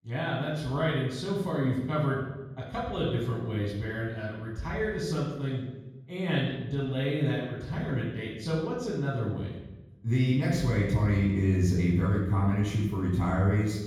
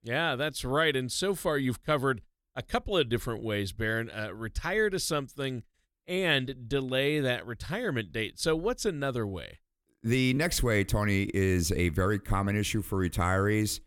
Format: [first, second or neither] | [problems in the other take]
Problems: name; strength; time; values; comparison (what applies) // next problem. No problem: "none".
second | room echo; strong; dies away in 1.3 s // off-mic speech; far